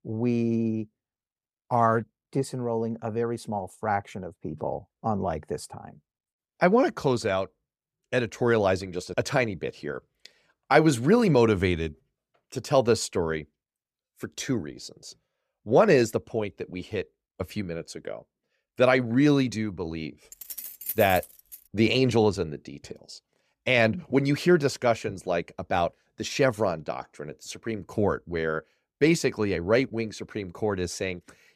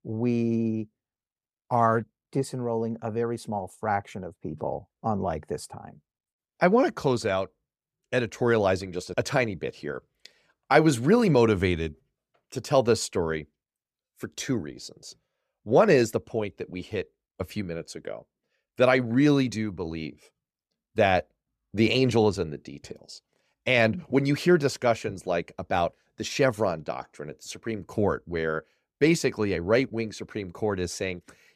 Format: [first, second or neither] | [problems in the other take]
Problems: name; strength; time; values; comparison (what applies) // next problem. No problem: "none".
second | jangling keys; noticeable; from 20 to 22 s; peak 7 dB below the speech